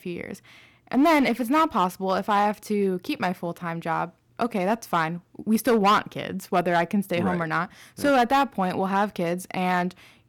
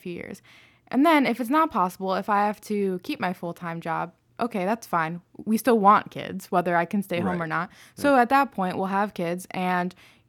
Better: second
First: distortion; slight; 4% of the sound clipped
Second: none

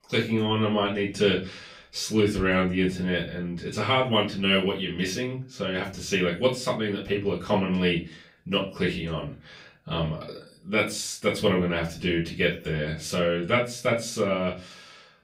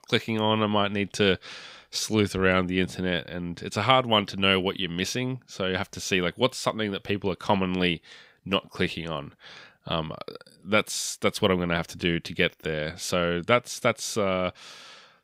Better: second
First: off-mic speech; far // room echo; slight; dies away in 0.3 s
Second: none

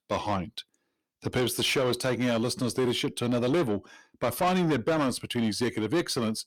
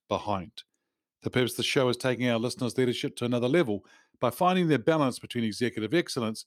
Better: second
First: distortion; heavy; 8 dB below the speech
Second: none

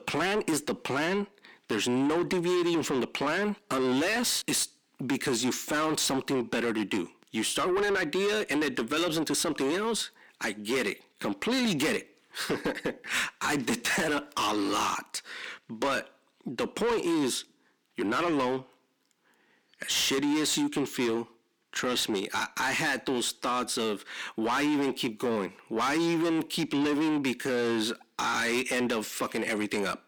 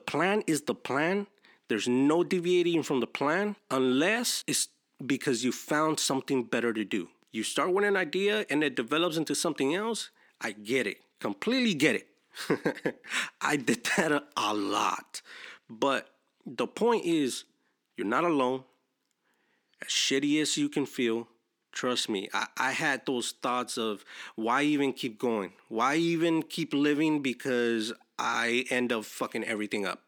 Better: second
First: distortion; heavy; 7 dB below the speech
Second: none

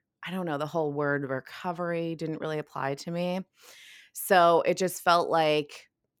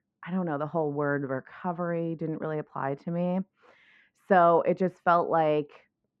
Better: first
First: none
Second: muffled; very; fading above 1.5 kHz

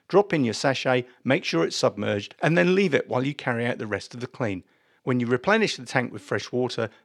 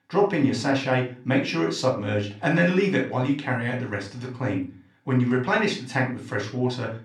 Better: first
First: none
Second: off-mic speech; far // room echo; slight; dies away in 0.3 s

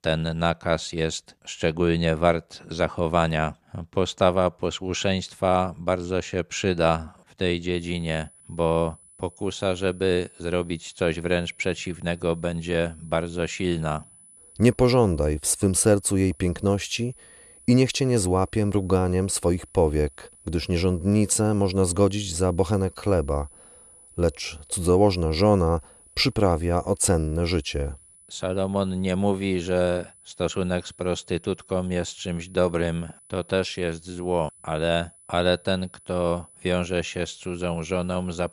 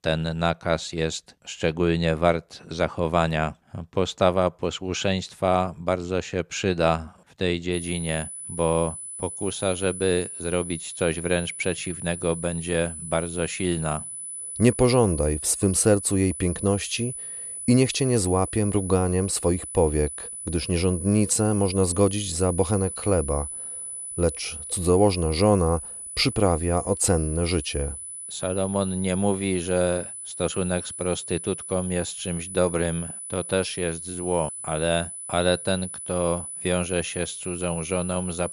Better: first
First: high-pitched whine; faint; from 7.5 s on; 10 kHz, 25 dB below the speech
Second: high-pitched whine; loud; from 7.5 s on; 10 kHz, 8 dB below the speech

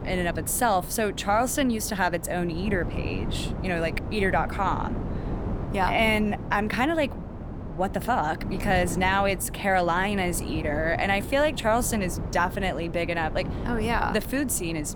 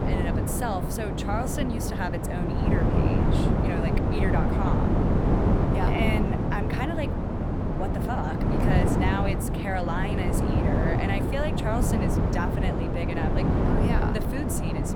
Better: first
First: wind noise on the microphone; occasional gusts; 15 dB below the speech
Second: wind noise on the microphone; heavy; 1 dB above the speech

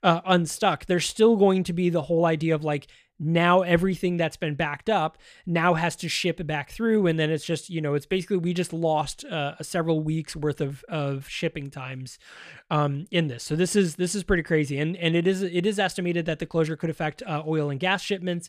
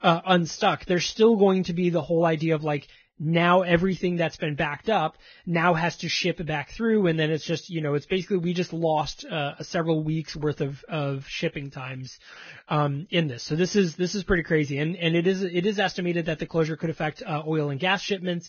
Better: first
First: none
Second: garbled, watery; badly; nothing above 6.5 kHz

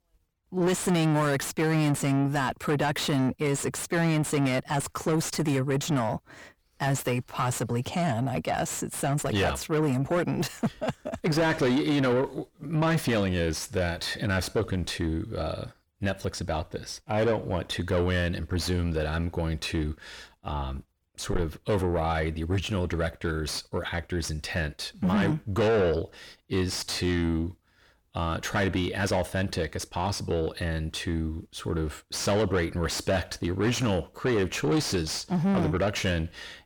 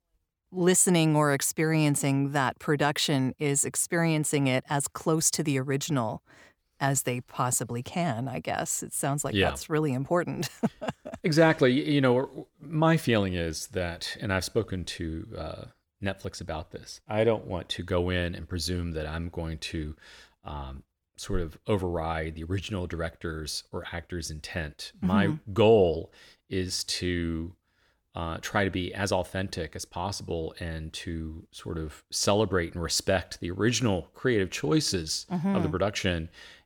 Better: second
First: distortion; heavy; 6 dB below the speech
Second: none

